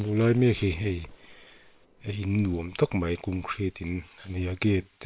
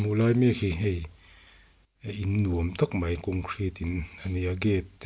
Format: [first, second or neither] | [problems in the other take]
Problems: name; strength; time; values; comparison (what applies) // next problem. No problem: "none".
second | noise reduction (neural separator model SepFormer WHAM!)